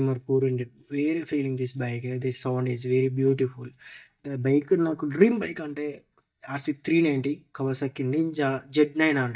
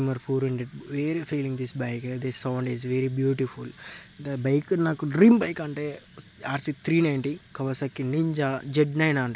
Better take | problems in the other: second | noise reduction (neural mask model DeepFilterNet 3)

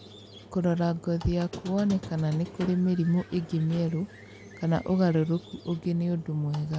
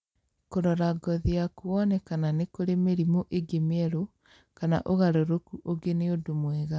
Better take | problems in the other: second | background sound (Squeak); 17 dB below the speech

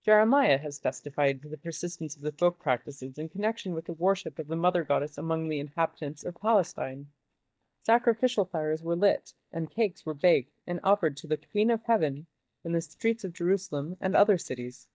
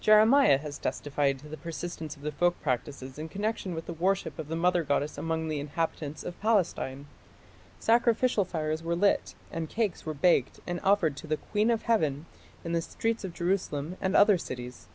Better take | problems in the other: second | noise reduction (neural mask model DeepFilterNet 3)

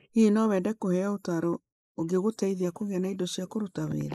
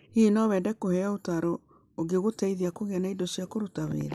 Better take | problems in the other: second | noise reduction (neural mask model Resemble Enhance denoiser)

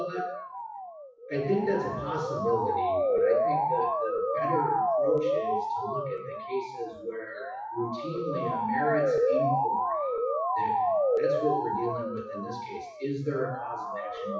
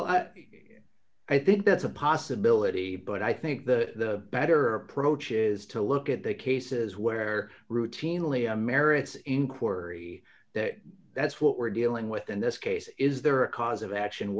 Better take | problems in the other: second | noise reduction (classical method WPE with log-MMSE)

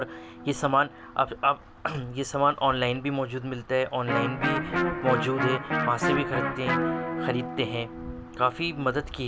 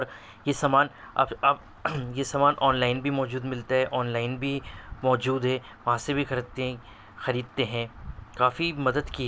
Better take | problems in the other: second | background sound (Electric guitar); 3 dB below the speech

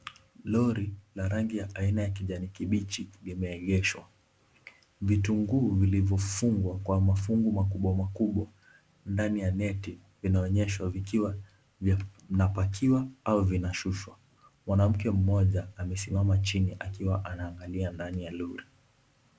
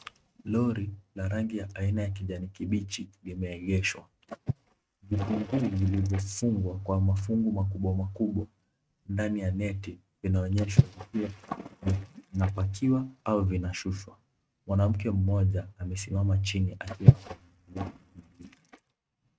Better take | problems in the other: first | noise reduction (neural mask model RNNoise)

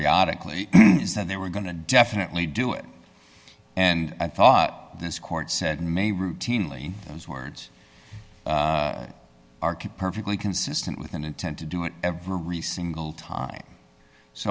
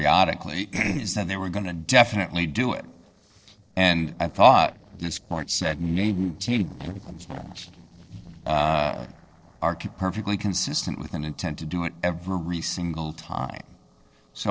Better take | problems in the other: first | noise reduction (neural separator model SepFormer DNS4)

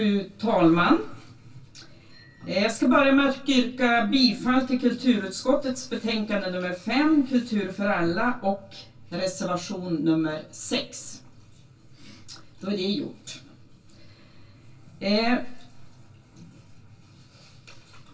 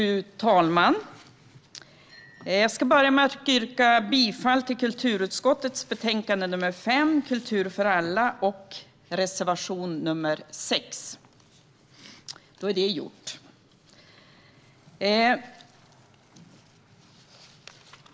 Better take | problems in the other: second | room echo; dies away in 0.2 s

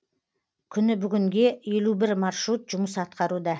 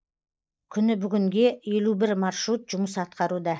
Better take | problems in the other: first | noise reduction (neural mask model Resemble Enhance denoiser)

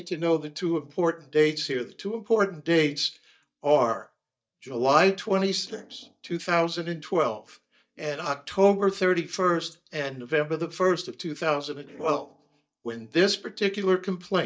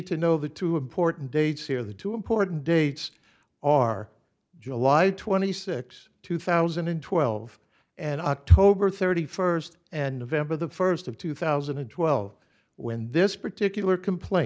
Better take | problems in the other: second | noise reduction (neural mask model DeepFilterNet 3)

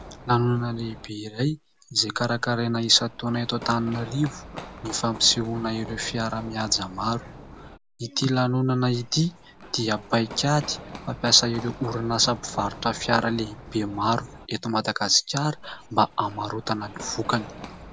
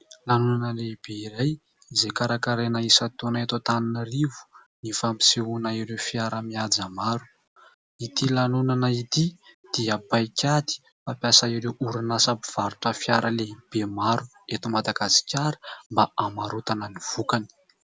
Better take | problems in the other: second | background sound (Run); 16 dB below the speech

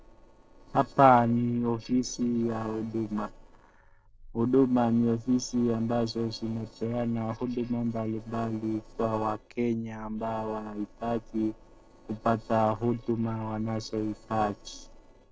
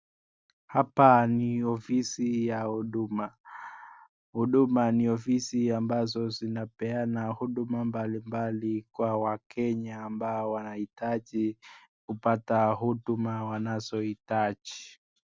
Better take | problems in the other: second | noise reduction (neural separator model SepFormer DNS4)

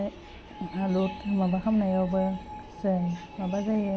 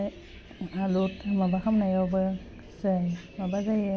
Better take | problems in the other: second | background sound (Screech); 16 dB below the speech

